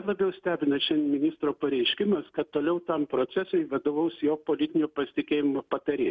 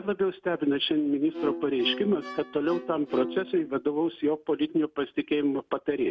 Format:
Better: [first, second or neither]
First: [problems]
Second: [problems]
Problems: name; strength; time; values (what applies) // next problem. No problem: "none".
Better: first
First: none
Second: background sound (Bowed string instrument); 9 dB below the speech